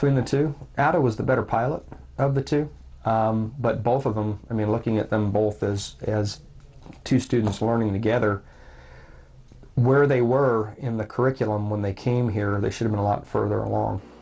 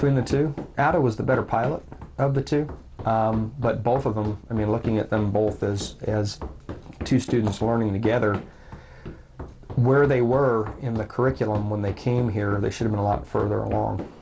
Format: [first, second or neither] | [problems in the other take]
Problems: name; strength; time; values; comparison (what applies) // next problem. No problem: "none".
first | background sound (Run); 14 dB below the speech